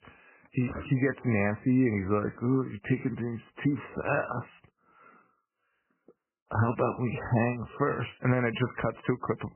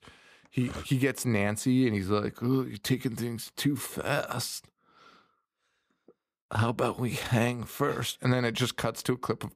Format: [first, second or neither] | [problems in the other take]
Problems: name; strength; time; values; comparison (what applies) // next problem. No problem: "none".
second | garbled, watery; badly; nothing above 3 kHz